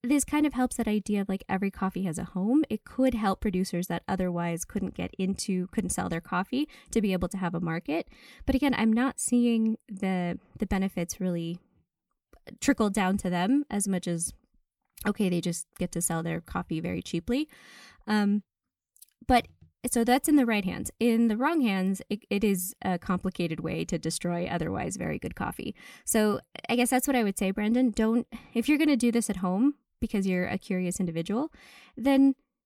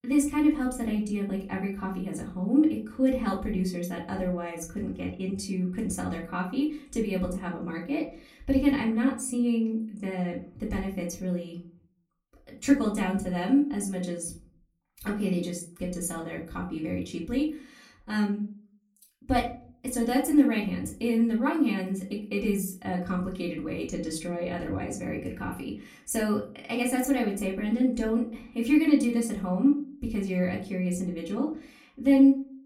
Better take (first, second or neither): first